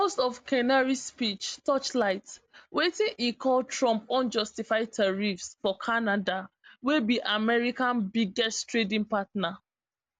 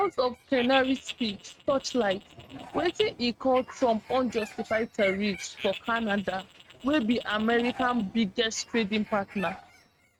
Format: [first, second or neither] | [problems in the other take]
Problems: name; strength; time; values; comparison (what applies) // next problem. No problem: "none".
first | noise reduction (neural mask model RNNoise)